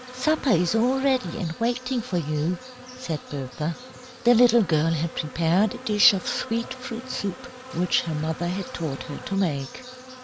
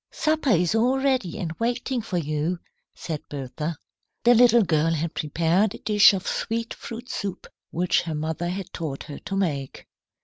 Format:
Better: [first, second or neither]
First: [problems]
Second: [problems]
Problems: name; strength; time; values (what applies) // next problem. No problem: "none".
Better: second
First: background sound (Insect); 15 dB below the speech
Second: none